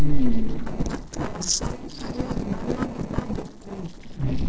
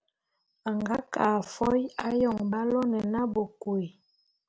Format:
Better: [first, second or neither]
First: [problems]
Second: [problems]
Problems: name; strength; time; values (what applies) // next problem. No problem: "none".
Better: second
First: noise reduction (neural separator model SepFormer DNS4)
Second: none